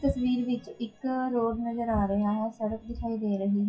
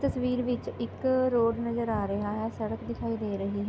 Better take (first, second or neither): second